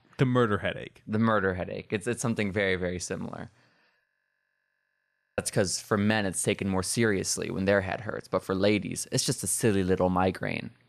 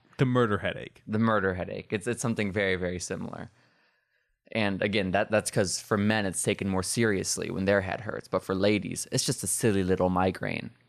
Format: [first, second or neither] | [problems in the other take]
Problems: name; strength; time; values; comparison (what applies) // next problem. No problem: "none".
second | audio freezing; at 4 s for 1.5 s